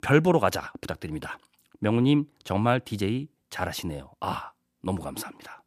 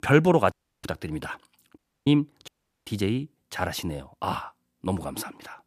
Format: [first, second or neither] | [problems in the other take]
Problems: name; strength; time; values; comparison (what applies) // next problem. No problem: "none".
first | audio cutting out; at 0.5 s, at 2 s and at 2.5 s